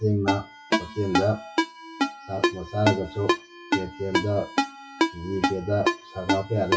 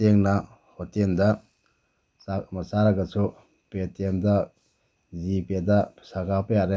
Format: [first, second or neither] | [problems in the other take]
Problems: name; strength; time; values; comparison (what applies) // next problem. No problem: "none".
second | noise reduction (classical method WPE with log-MMSE)